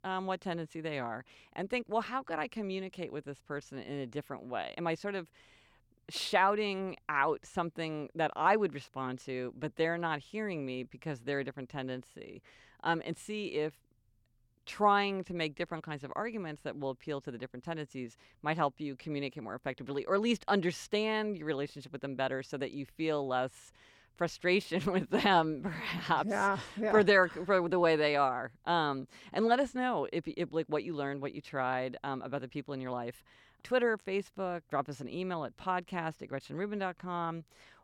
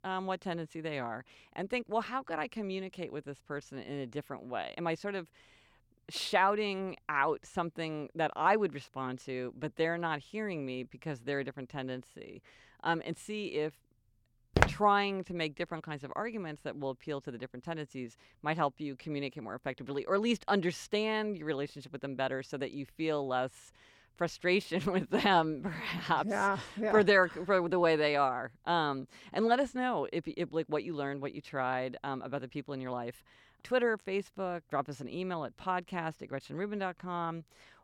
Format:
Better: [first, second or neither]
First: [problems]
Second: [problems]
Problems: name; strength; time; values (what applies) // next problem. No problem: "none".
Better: first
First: none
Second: footsteps; loud; at 15 s; peak 5 dB above the speech